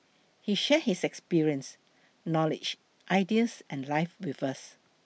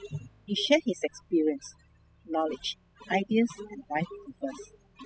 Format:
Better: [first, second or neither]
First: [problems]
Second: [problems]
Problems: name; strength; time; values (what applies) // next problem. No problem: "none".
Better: first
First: none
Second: noise reduction (classical method spectral subtraction)